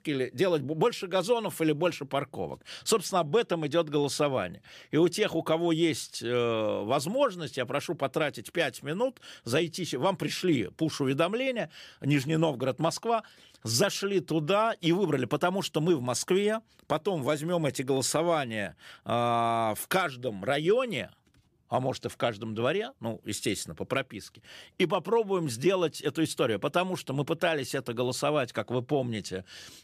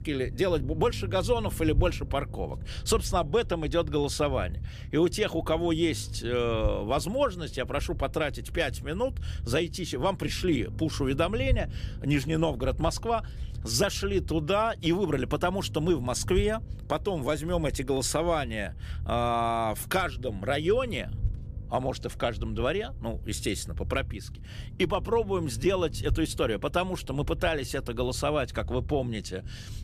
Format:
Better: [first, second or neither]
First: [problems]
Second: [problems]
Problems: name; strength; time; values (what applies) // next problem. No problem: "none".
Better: first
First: none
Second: low rumble; faint; throughout; 25 dB below the speech